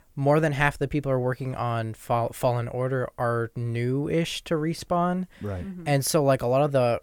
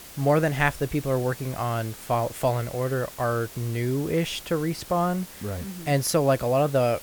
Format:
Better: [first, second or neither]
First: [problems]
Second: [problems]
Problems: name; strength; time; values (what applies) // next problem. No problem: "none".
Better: first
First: none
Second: hiss; noticeable; throughout; 15 dB below the speech